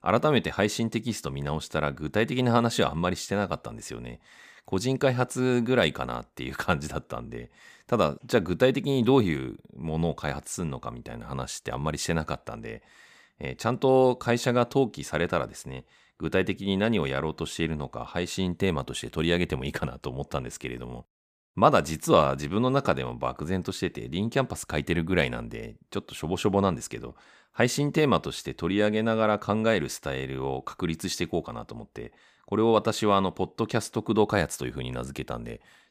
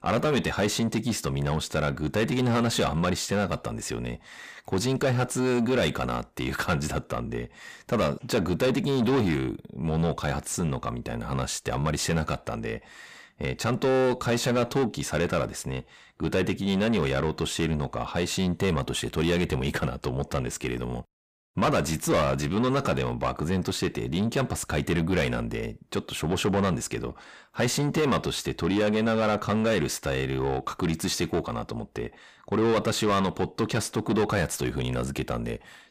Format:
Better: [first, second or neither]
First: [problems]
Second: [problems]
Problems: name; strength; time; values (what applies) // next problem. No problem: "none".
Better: first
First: none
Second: distortion; heavy; 6 dB below the speech